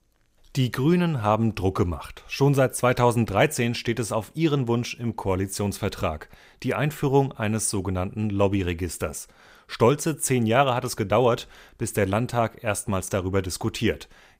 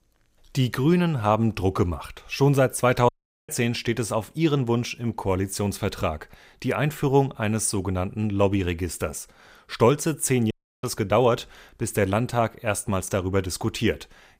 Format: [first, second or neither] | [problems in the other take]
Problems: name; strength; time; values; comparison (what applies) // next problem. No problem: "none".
first | audio cutting out; at 3 s and at 11 s